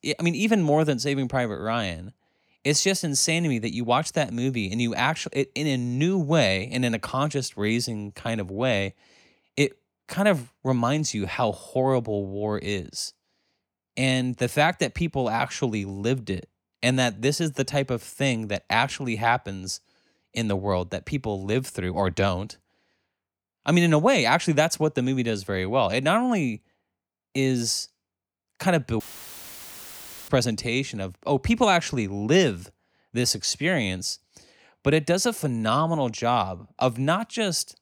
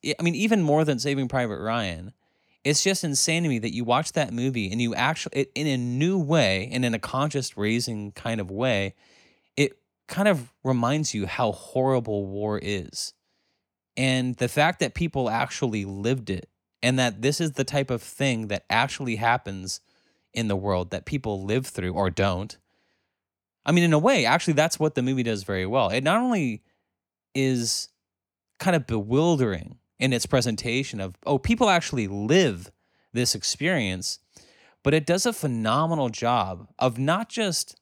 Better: second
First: audio cutting out; filled with static; at 29 s for 1.5 s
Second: none

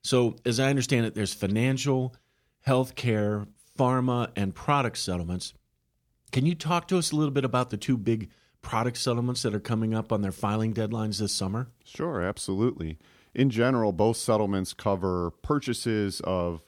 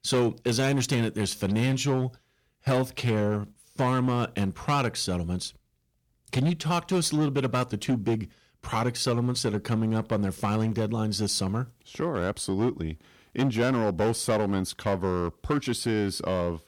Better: first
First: none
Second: distortion; slight; 8% of the sound clipped

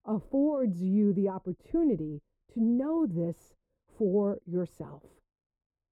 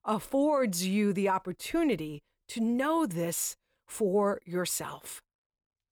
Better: second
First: muffled; very; fading above 1 kHz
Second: none

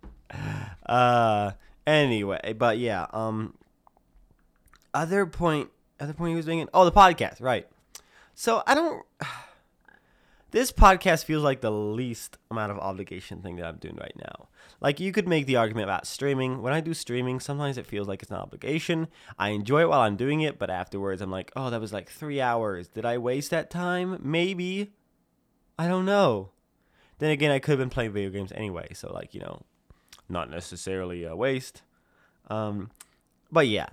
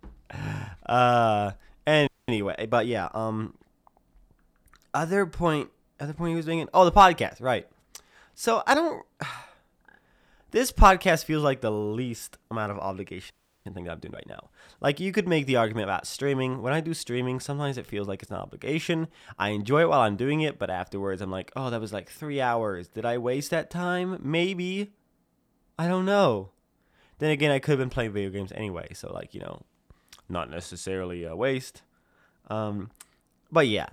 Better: first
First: none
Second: audio freezing; at 2 s and at 13 s

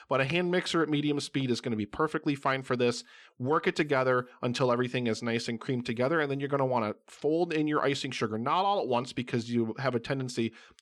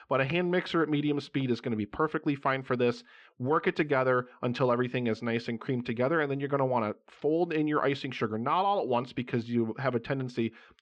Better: first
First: none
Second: muffled; slightly; fading above 3 kHz

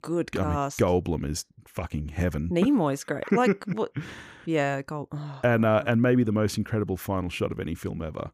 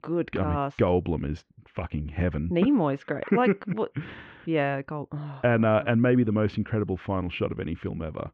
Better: first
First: none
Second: muffled; very; fading above 3 kHz

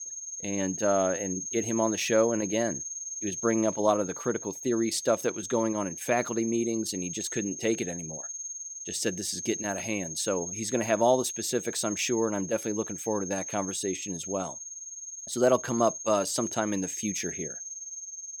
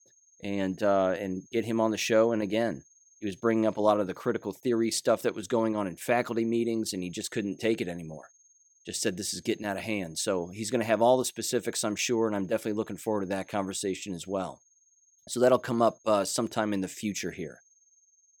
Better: second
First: high-pitched whine; loud; throughout; 6.5 kHz, 6 dB below the speech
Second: high-pitched whine; faint; throughout; 6.5 kHz, 30 dB below the speech

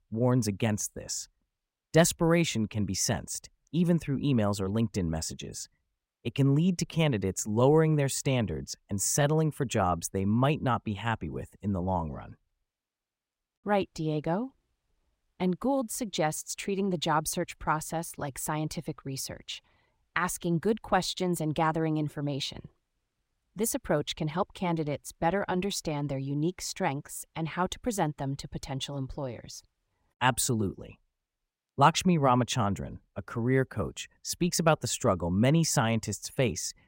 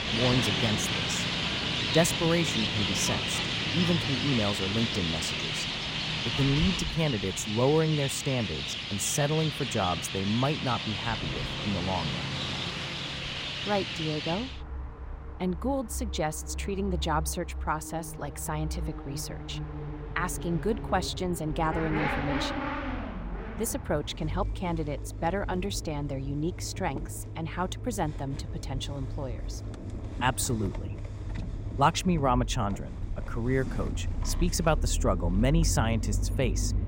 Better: first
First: none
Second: traffic noise; loud; throughout; 2 dB below the speech

